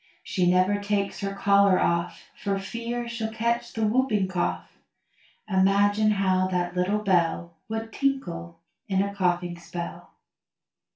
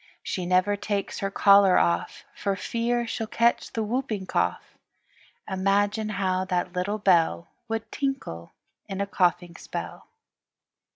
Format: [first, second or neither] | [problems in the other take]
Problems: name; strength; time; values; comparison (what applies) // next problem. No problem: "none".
second | room echo; dies away in 0.2 s